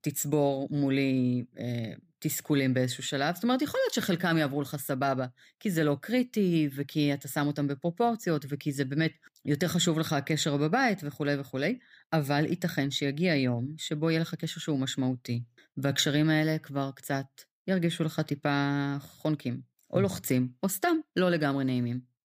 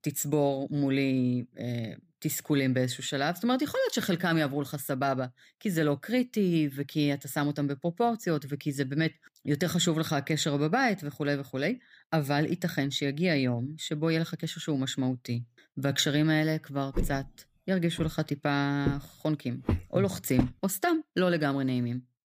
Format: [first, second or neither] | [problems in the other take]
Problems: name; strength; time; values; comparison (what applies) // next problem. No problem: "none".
first | footsteps; noticeable; from 17 to 20 s; peak 3 dB below the speech